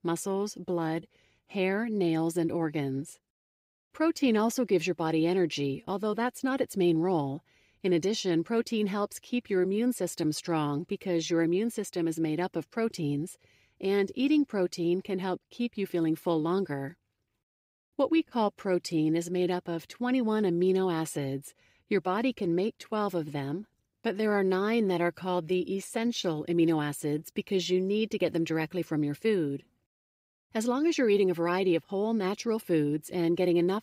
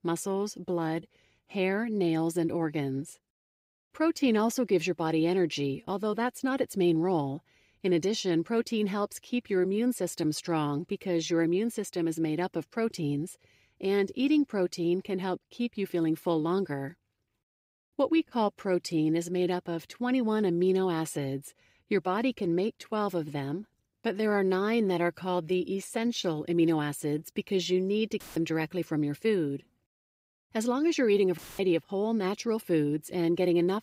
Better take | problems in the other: first | audio cutting out; filled with static; at 28 s and at 31 s

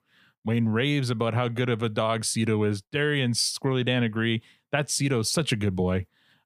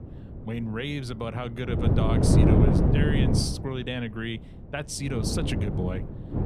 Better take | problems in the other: first | wind noise on the microphone; heavy; 3 dB above the speech

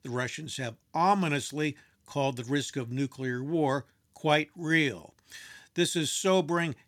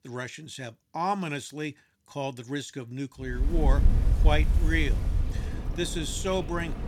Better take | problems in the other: first | wind in the background; very loud; from 3.5 s on; 4 dB above the speech

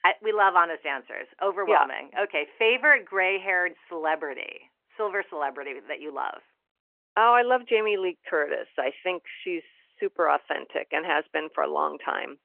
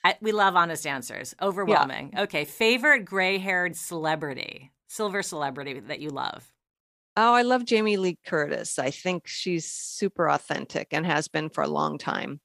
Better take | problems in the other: second | phone-call audio; nothing above 3 kHz

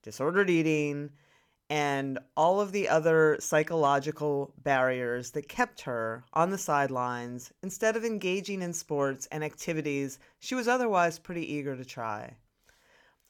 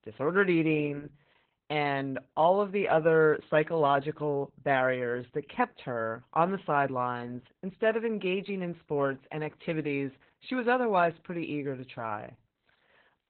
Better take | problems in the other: first | garbled, watery; badly; nothing above 4 kHz

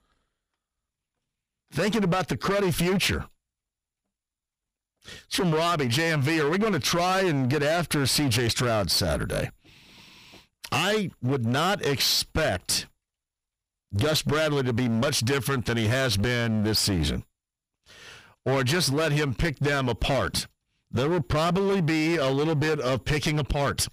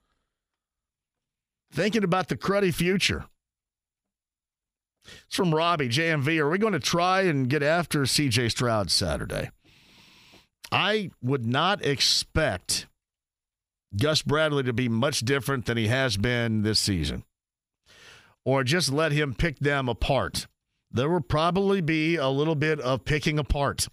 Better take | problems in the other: second | distortion; heavy; 18% of the sound clipped

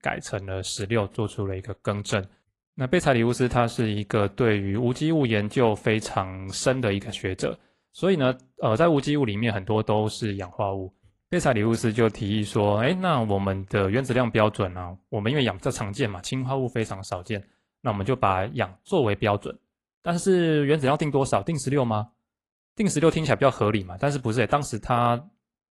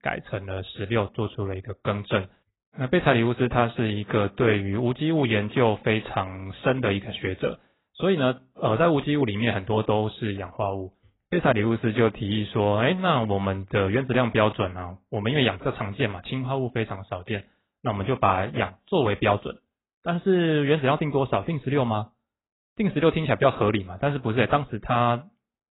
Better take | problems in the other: first | garbled, watery; badly; nothing above 4 kHz; slightly in the first

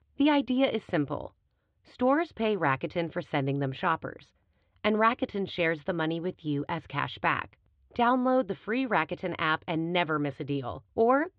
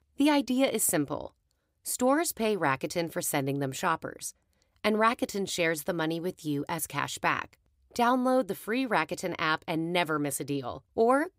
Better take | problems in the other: second | muffled; very; fading above 3.5 kHz

